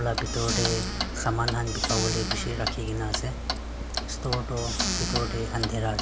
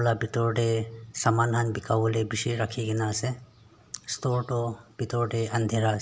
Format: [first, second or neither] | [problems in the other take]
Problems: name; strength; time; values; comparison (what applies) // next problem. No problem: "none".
second | background sound (Clock + Squeak / Cupboard open or close); 1 dB above the speech